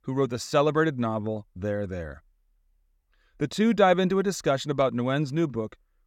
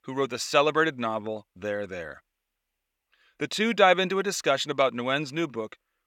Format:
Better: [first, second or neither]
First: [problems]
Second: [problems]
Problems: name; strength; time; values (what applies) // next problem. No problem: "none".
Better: first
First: none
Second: thin; very slightly; fading below 600 Hz